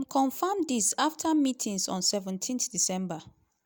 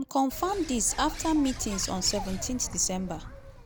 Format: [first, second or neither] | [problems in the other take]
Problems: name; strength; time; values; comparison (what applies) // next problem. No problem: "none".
first | background sound (Bird); 10 dB below the speech